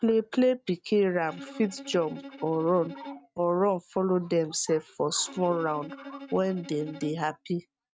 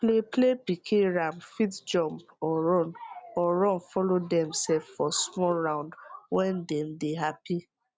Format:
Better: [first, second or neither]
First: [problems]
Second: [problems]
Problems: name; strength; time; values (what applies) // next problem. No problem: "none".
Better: second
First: noise reduction (neural mask model RNNoise)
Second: none